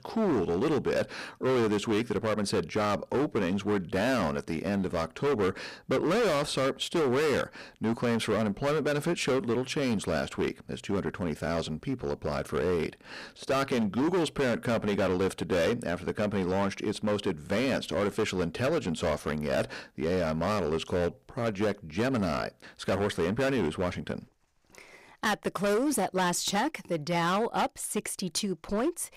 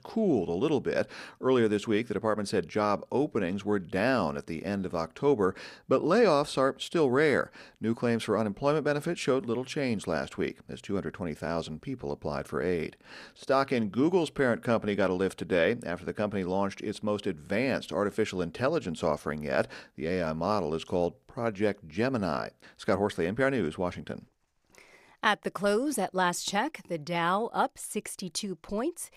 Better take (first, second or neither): second